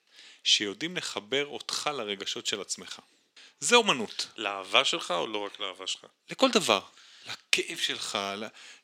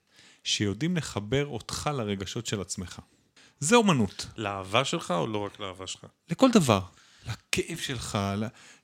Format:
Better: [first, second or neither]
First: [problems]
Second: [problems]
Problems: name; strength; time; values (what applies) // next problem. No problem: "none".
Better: second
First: thin; somewhat; fading below 350 Hz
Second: none